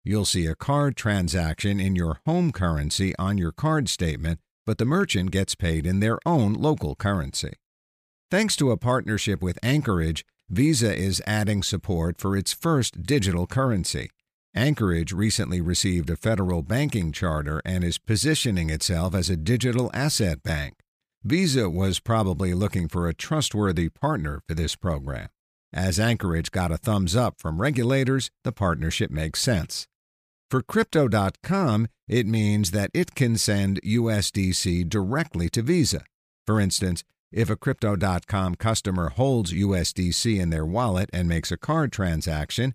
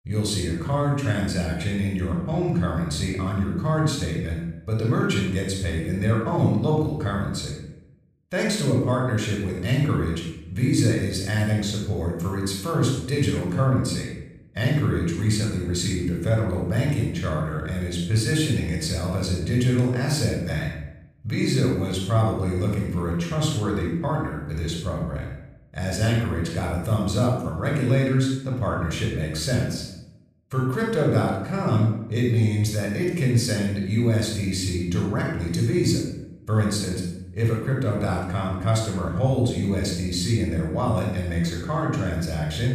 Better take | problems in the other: first | off-mic speech; somewhat distant // room echo; noticeable; dies away in 0.7 s

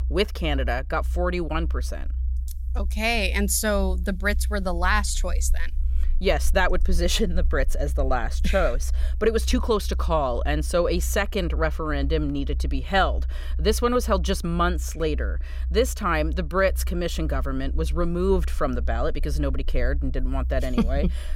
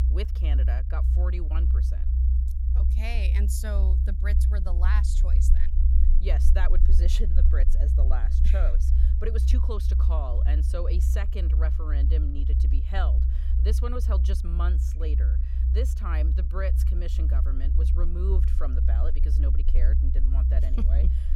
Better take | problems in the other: first | low rumble; loud; throughout; 4 dB below the speech; faint in the first

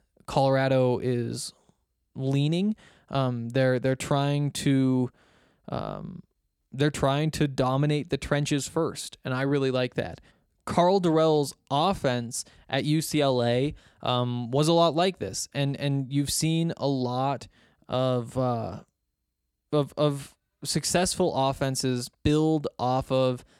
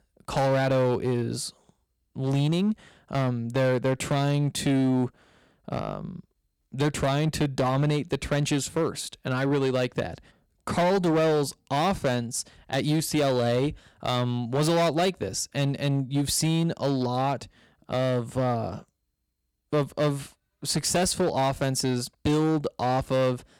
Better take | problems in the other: first | distortion; slight; 9% of the sound clipped

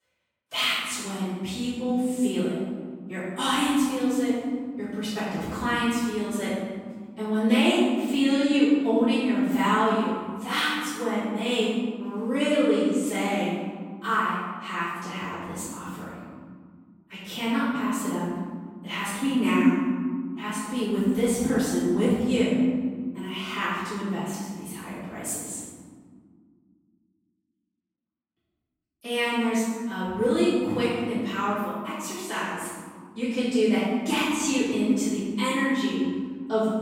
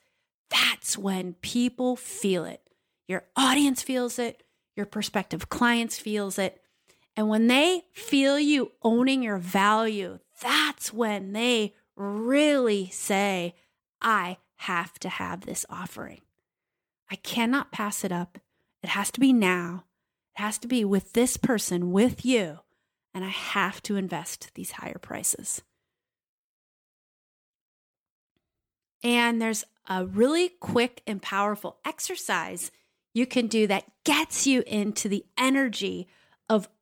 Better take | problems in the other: second | off-mic speech; far // room echo; strong; dies away in 2 s

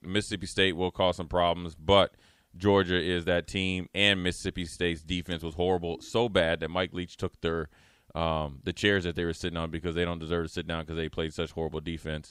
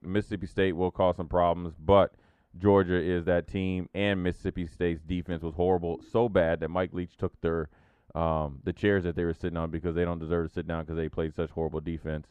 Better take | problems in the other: first | muffled; very; fading above 2.5 kHz

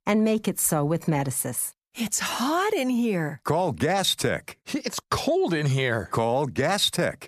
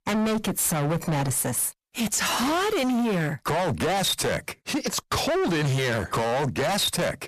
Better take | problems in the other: first | distortion; heavy; 34% of the sound clipped

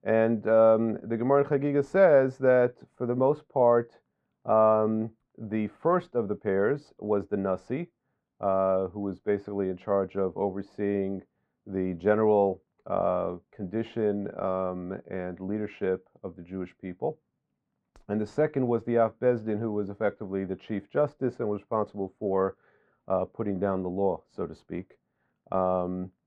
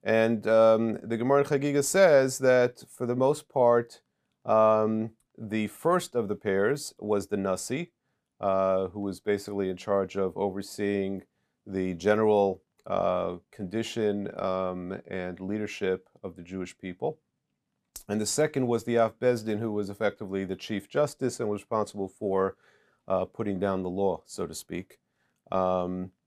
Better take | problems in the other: second | muffled; very; fading above 1.5 kHz

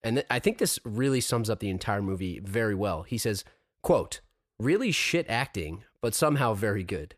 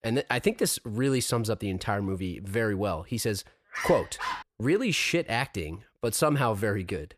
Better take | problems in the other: first | dog barking; noticeable; at 3.5 s; peak 5 dB below the speech

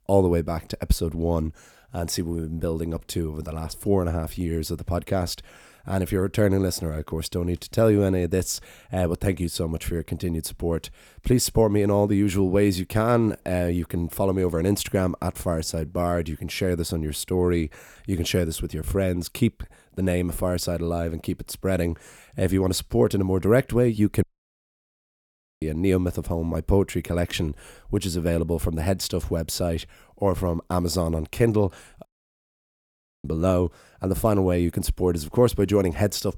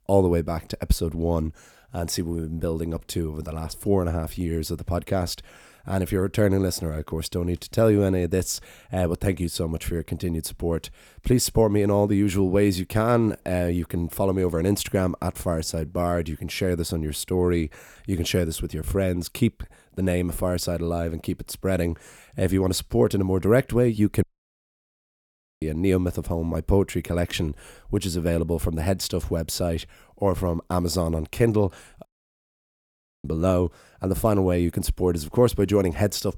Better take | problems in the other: neither | audio cutting out; at 24 s for 1.5 s and at 32 s for 1 s; the same in both

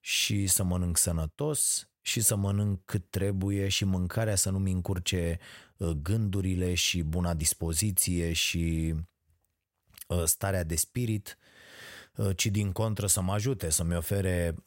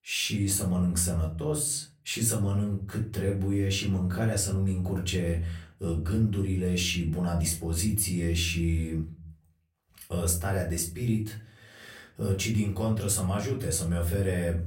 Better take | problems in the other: first | off-mic speech; far // room echo; slight; dies away in 0.4 s

